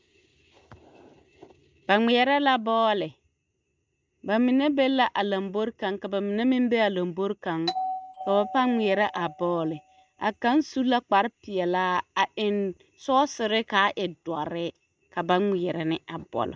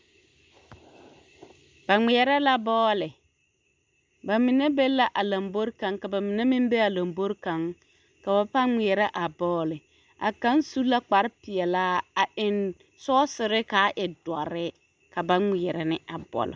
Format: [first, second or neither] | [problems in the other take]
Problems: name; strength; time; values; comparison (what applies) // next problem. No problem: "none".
second | noise reduction (neural mask model RNNoise)